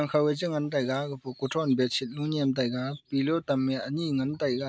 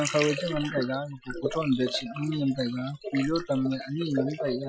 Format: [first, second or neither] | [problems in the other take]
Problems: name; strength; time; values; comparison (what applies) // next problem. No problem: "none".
first | noise reduction (classical method Wiener filter)